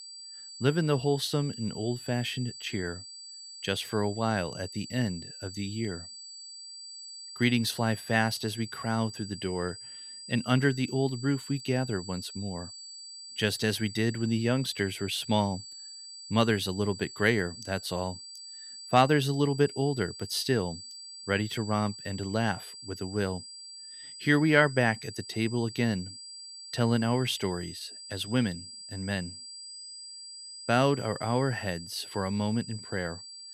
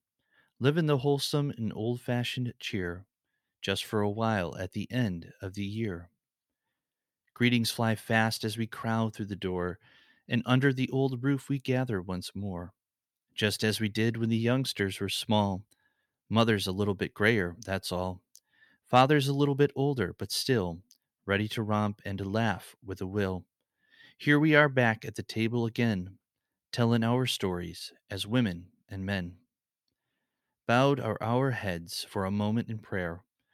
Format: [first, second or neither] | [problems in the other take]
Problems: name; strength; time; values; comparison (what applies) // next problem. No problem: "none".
second | high-pitched whine; noticeable; throughout; 4.5 kHz, 10 dB below the speech